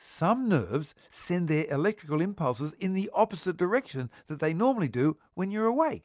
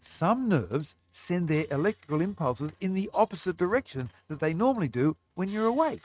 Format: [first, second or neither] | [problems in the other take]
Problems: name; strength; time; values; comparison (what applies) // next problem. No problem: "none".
first | noise reduction (neural mask model RNNoise)